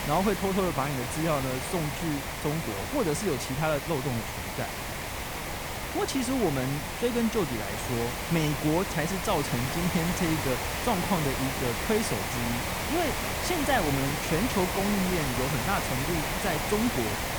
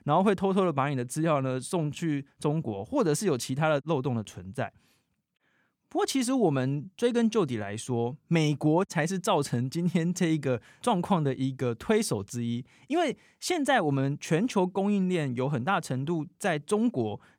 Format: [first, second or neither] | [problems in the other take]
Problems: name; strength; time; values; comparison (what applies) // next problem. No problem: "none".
second | hiss; loud; throughout; 1 dB below the speech